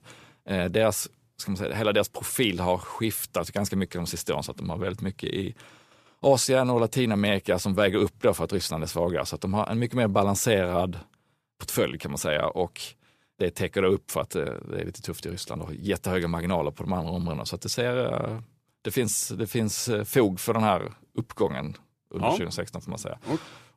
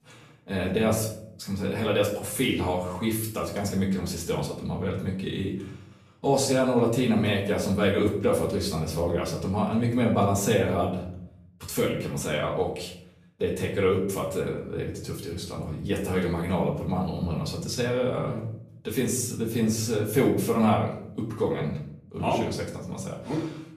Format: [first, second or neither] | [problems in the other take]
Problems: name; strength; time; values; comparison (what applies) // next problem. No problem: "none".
first | off-mic speech; far // room echo; slight; dies away in 0.7 s